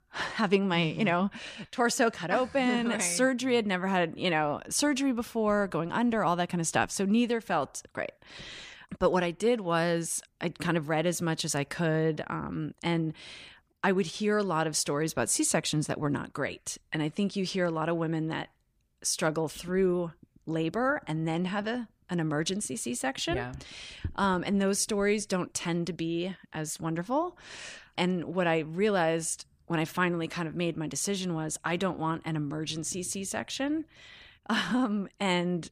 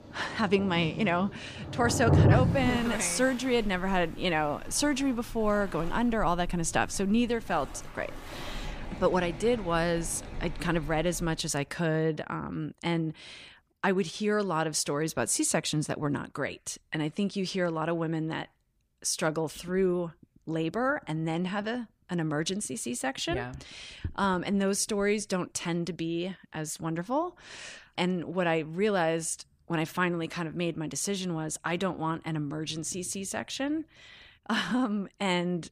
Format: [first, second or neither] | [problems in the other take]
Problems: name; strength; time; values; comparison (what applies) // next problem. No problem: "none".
first | rain or running water; loud; until 11 s; 3 dB below the speech